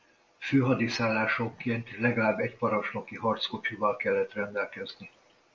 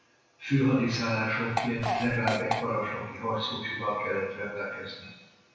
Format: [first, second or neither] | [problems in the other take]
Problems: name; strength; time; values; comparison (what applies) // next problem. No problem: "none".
first | background sound (Fart); 3 dB below the speech // room echo; dies away in 1.1 s